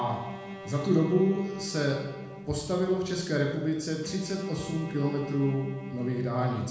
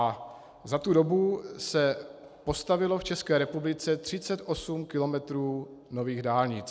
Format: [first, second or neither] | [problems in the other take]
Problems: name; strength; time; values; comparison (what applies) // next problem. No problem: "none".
second | background sound (Bowed string instrument); 13 dB below the speech // room echo; dies away in 0.8 s